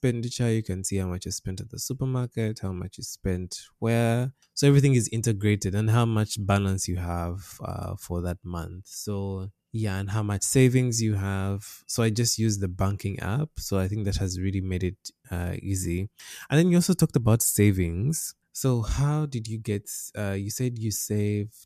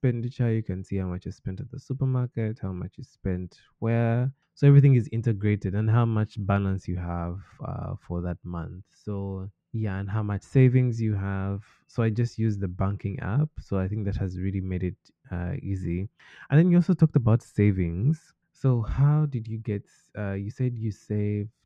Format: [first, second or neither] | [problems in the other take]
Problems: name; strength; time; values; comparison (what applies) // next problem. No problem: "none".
first | muffled; very; fading above 2 kHz